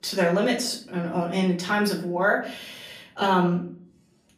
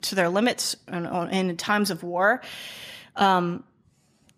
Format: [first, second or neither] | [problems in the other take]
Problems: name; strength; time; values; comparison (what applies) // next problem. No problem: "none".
second | room echo; slight; dies away in 0.4 s // off-mic speech; far